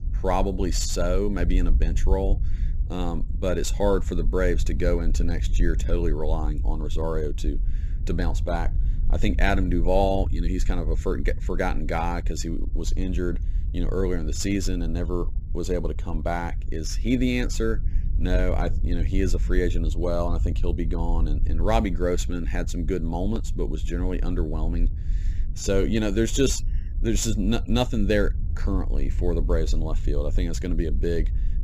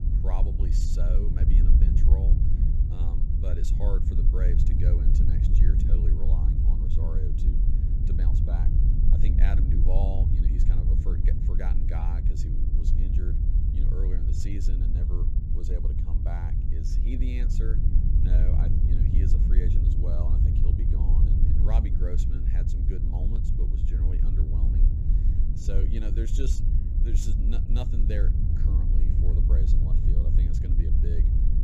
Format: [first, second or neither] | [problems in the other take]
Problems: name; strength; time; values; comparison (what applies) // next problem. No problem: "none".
first | wind noise on the microphone; heavy; 1 dB above the speech; occasional gusts in the first